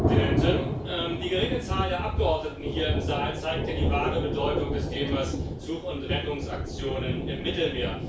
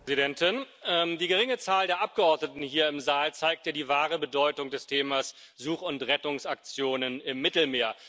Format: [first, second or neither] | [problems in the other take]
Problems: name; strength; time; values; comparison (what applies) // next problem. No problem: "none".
second | background sound (Thunder); 2 dB above the speech // room echo; dies away in 0.3 s